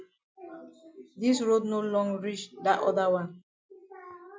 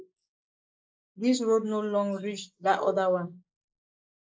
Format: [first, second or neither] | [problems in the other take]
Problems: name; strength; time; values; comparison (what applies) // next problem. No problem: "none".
first | noise reduction (neural mask model Resemble Enhance denoiser)